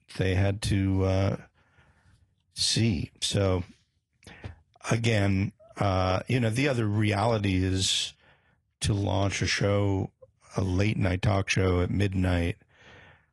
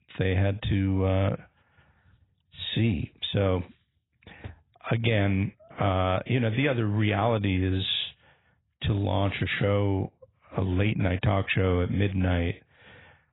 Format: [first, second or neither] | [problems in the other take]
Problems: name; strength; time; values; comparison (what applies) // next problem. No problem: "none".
first | garbled, watery; badly; nothing above 4 kHz; slightly in the first